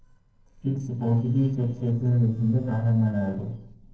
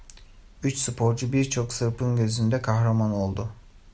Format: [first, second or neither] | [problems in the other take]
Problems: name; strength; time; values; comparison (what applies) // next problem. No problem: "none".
second | noise reduction (neural separator model SepFormer DNS4)